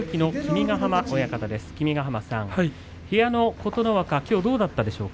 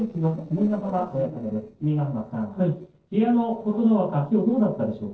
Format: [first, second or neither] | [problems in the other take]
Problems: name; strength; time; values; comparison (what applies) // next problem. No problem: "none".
first | noise reduction (neural separator model SepFormer DNS4)